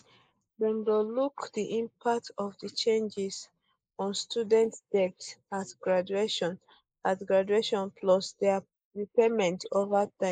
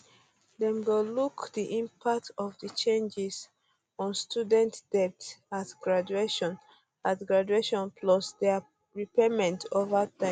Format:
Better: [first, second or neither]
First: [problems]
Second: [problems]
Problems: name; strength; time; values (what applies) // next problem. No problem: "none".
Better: second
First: noise reduction (neural mask model Resemble Enhance denoiser)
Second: none